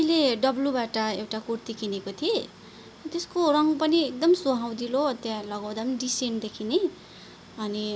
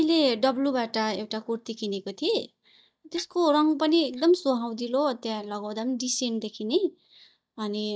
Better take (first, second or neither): first